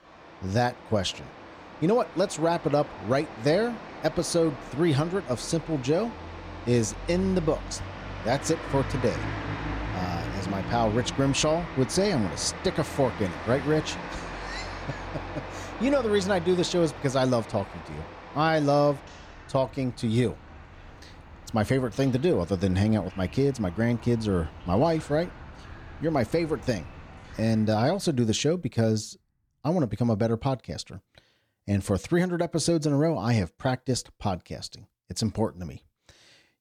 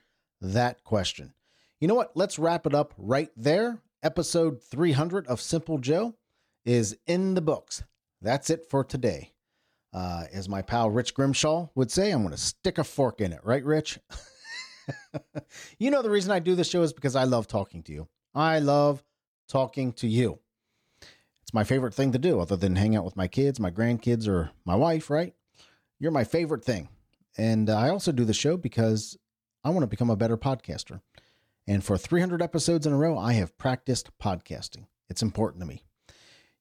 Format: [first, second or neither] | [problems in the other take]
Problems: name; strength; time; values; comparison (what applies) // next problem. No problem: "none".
second | rain or running water; noticeable; until 27 s; 10 dB below the speech